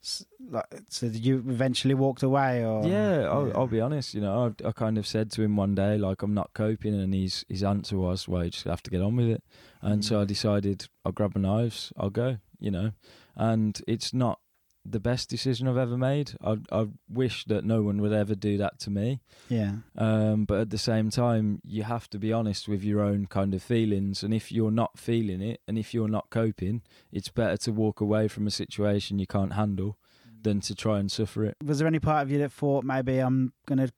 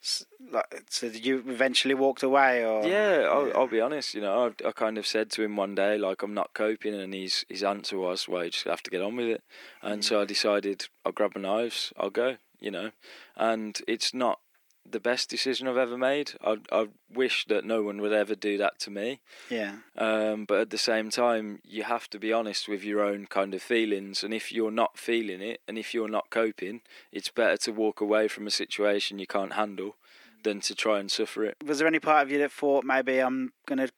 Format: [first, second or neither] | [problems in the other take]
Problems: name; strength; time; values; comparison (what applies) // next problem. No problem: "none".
first | thin; somewhat; fading below 300 Hz